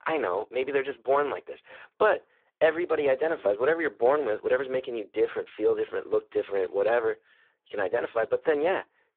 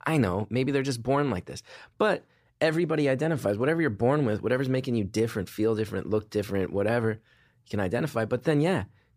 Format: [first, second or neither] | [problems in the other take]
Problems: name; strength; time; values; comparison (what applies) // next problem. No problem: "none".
second | phone-call audio; poor line